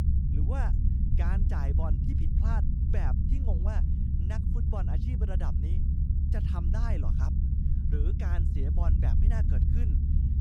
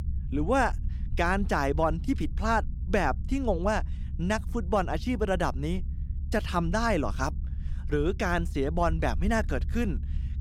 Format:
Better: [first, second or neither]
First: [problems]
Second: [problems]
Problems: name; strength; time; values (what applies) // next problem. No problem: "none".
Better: second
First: low rumble; loud; throughout; as loud as the speech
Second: low rumble; faint; throughout; 25 dB below the speech